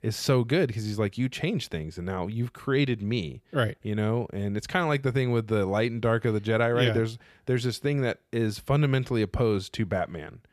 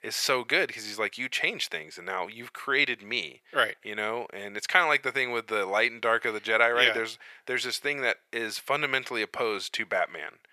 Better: first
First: none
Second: thin; very; fading below 700 Hz

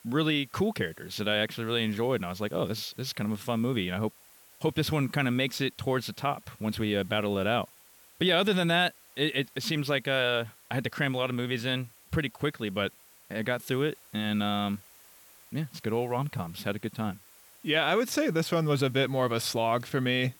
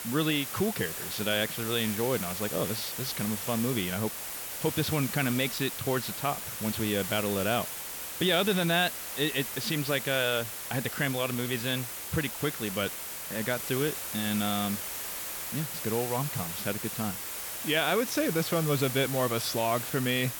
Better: first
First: hiss; faint; throughout; 25 dB below the speech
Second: hiss; loud; throughout; 4 dB below the speech

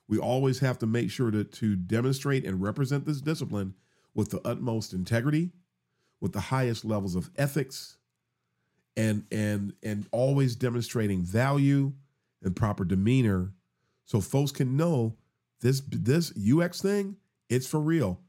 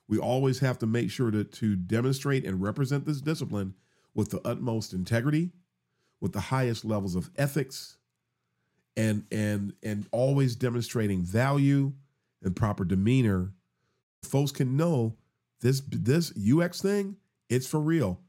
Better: first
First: none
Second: audio cutting out; at 14 s

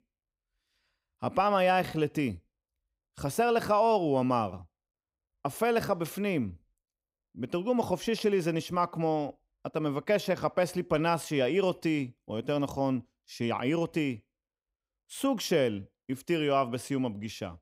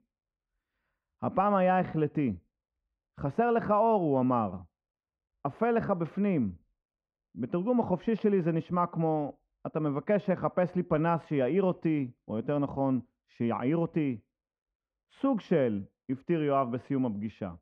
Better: first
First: none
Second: muffled; very; fading above 1.5 kHz

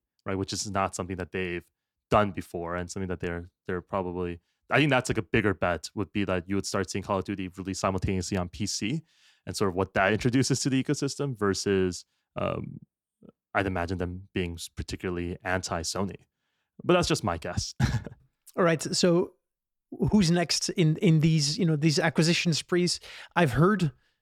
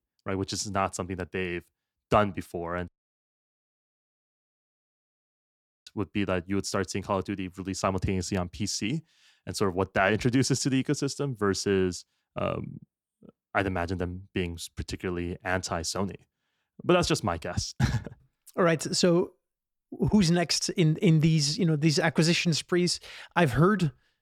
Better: first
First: none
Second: audio cutting out; at 3 s for 3 s

